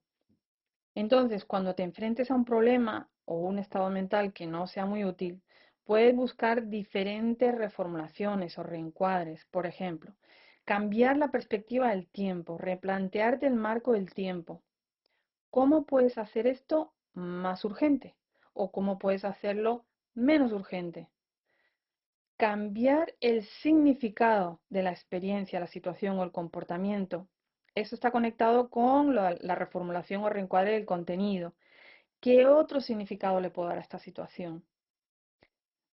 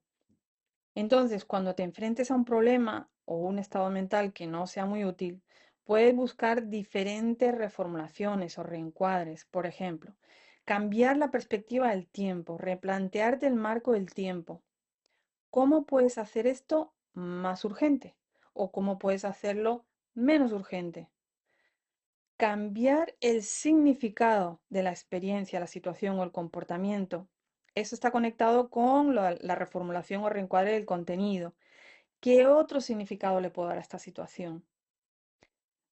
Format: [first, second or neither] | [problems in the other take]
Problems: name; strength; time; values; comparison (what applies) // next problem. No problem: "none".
second | garbled, watery; badly; nothing above 5.5 kHz; slightly in the second